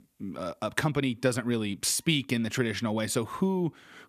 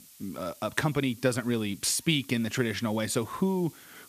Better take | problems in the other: first | hiss; faint; throughout; 20 dB below the speech

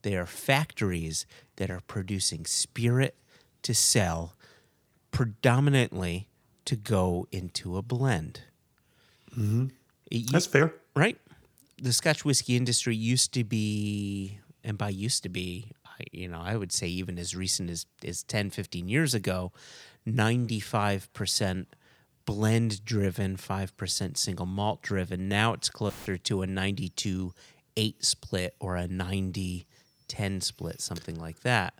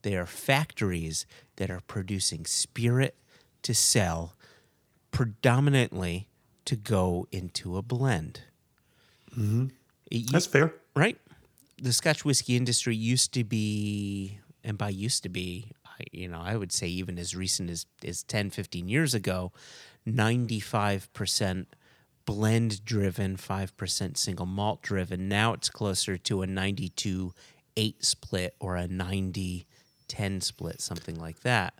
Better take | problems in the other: second | audio cutting out; filled with static; at 26 s

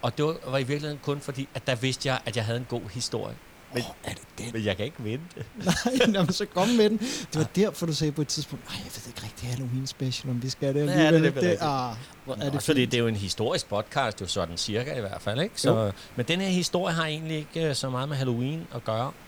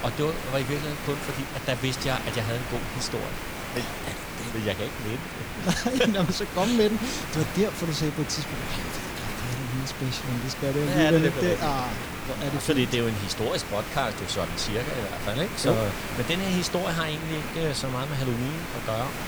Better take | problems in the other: first | hiss; loud; throughout; 6 dB below the speech; faint in the first

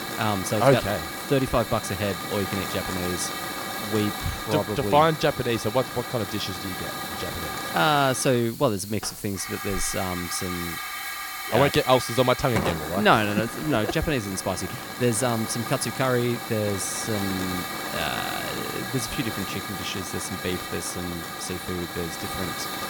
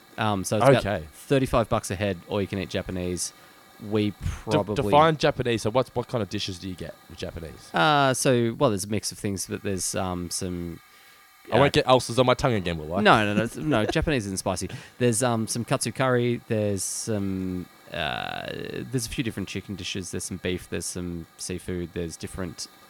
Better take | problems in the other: second | hiss; loud; throughout; 6 dB below the speech; faint in the second

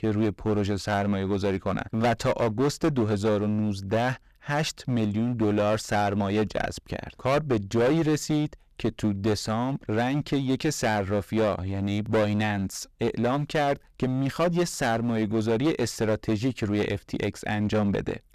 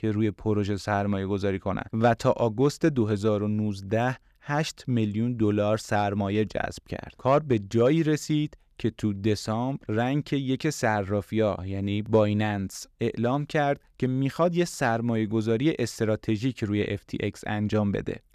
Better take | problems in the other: second | distortion; heavy; 14% of the sound clipped

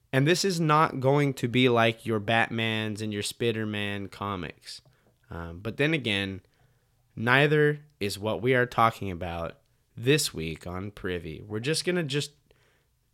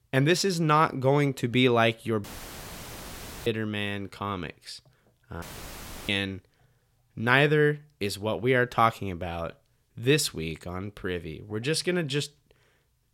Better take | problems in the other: first | audio cutting out; filled with static; at 2 s for 1 s and at 5.5 s for 0.5 s

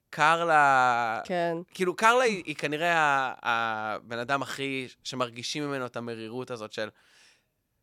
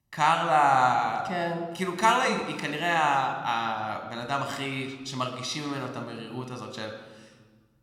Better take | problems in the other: first | room echo; slight; dies away in 1.1 s

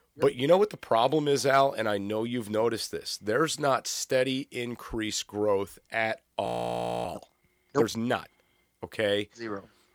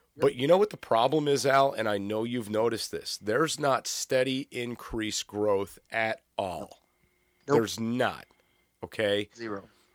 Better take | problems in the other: second | audio freezing; at 6.5 s for 0.5 s

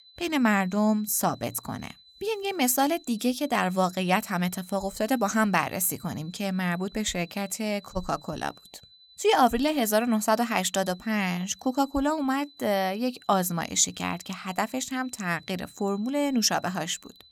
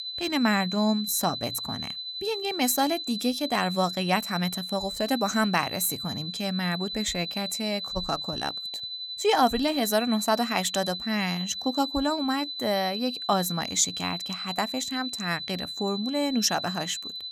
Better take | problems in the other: first | high-pitched whine; loud; throughout; 4 kHz, 5 dB below the speech; faint in the first

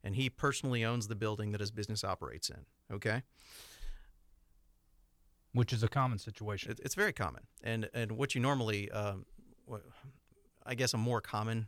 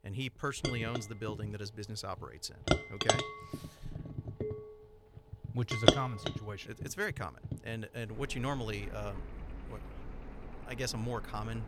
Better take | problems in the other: first | household noises; very loud; throughout; 3 dB above the speech

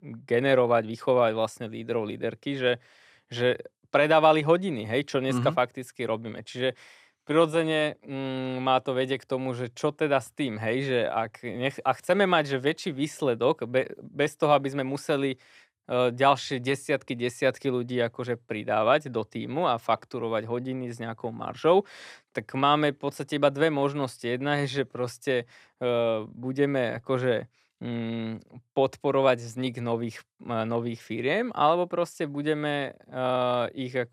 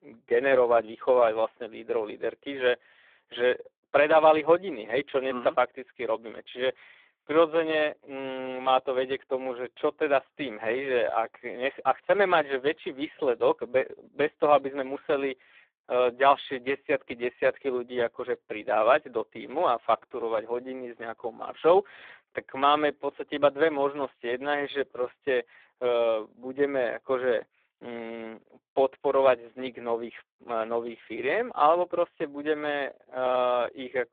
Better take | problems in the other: first | phone-call audio; poor line

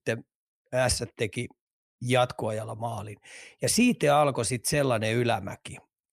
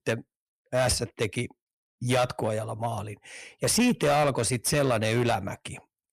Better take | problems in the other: first | distortion; slight; 8% of the sound clipped

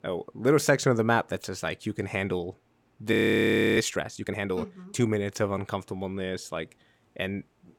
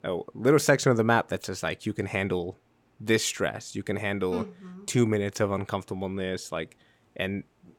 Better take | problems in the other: second | audio freezing; at 3 s for 0.5 s

